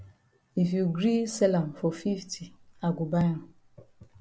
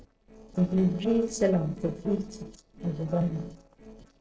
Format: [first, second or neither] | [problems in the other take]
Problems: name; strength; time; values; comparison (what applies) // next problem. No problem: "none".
first | noise reduction (neural separator model SepFormer DNS4)